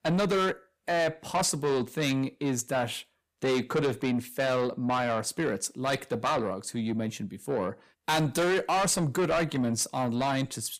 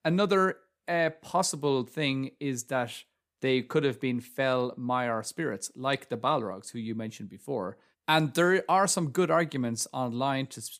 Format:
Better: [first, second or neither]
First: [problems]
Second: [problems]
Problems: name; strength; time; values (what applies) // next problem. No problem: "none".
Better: second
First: distortion; heavy; 7 dB below the speech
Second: none